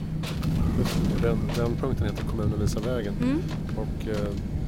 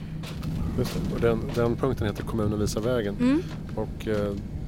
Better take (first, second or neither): second